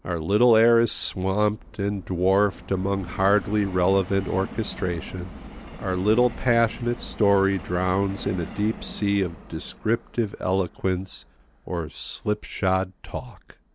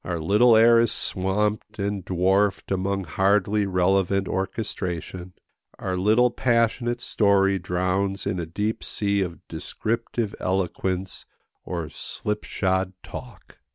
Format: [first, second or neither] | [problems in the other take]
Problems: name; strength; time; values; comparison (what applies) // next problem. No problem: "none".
second | background sound (Subway, metro, underground); 16 dB below the speech